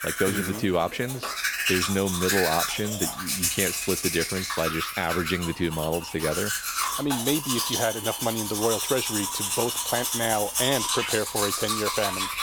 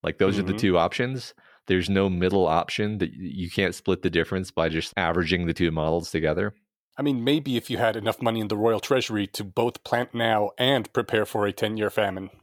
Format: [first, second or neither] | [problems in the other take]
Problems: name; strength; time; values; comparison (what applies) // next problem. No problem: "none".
second | household noises; very loud; throughout; 1 dB above the speech